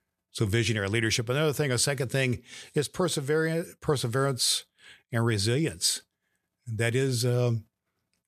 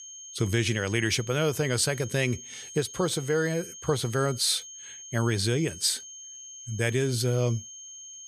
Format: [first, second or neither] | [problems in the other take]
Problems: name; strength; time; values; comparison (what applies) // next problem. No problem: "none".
first | high-pitched whine; noticeable; throughout; 6.5 kHz, 15 dB below the speech